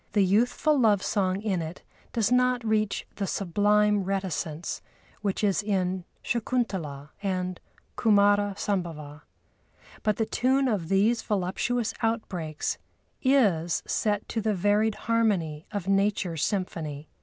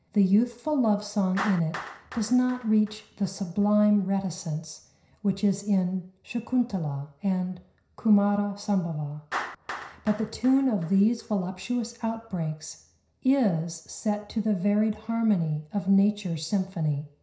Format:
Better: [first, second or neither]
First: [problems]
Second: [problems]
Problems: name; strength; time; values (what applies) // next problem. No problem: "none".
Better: first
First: none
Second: background sound (Clapping); 18 dB below the speech // room echo; dies away in 0.5 s